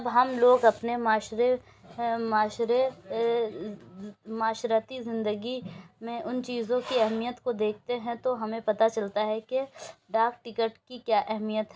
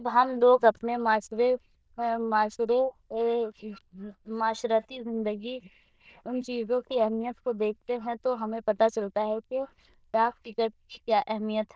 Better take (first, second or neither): first